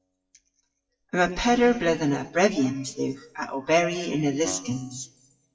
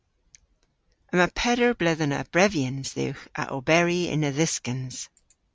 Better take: second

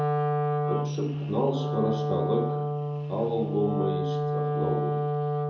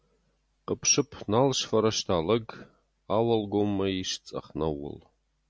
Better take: second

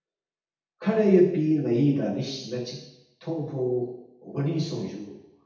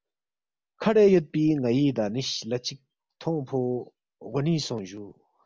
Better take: second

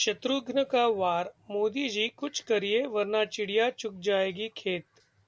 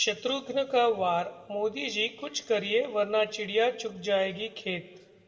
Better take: first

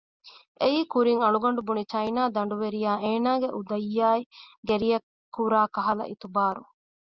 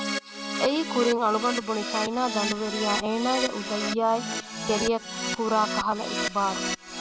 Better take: first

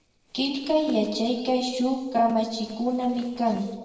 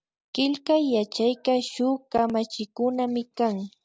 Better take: second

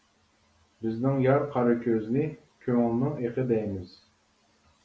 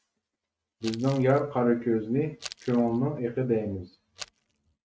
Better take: first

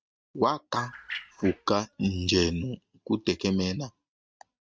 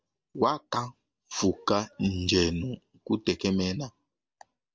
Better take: second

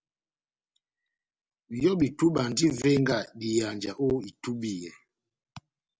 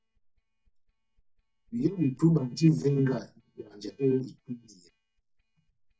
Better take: first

